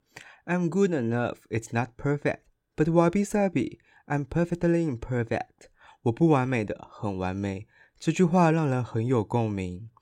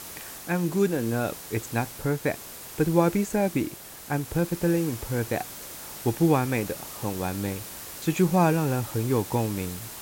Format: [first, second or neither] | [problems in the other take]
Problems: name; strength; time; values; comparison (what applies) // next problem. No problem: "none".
first | hiss; noticeable; throughout; 10 dB below the speech